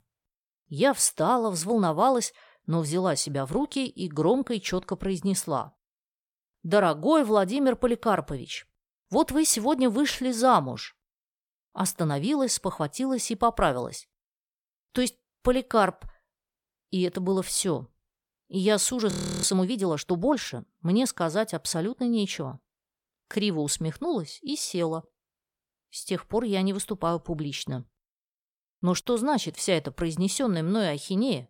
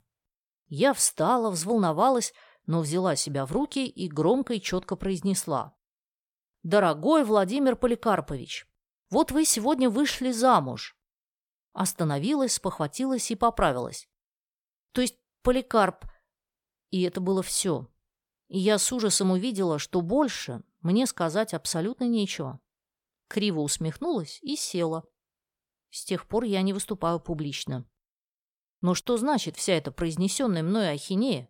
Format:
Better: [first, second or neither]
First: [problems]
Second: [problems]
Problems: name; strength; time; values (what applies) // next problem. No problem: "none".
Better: second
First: audio freezing; at 19 s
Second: none